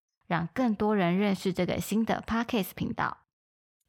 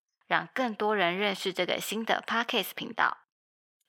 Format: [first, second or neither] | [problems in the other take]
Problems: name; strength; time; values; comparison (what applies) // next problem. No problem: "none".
first | thin; somewhat; fading below 350 Hz